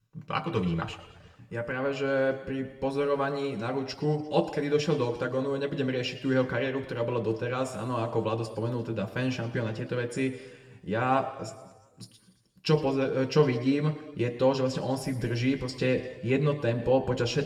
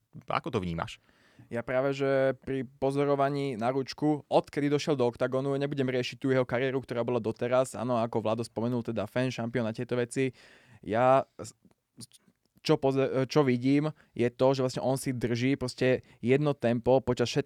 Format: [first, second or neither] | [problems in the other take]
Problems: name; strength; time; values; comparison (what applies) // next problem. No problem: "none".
second | room echo; slight; dies away in 1.3 s // off-mic speech; somewhat distant